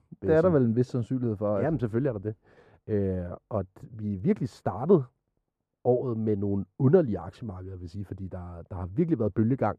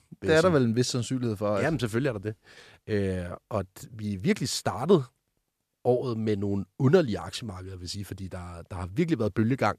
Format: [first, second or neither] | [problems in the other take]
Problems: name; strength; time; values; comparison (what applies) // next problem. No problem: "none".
second | muffled; very; fading above 2 kHz